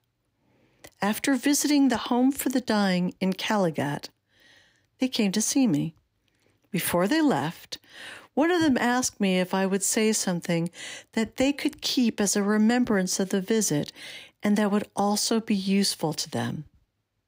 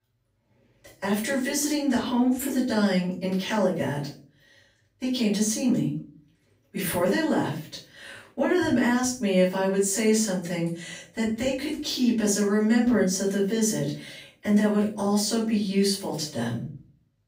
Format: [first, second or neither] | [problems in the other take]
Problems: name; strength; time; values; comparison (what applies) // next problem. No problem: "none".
first | off-mic speech; far // room echo; noticeable; dies away in 0.4 s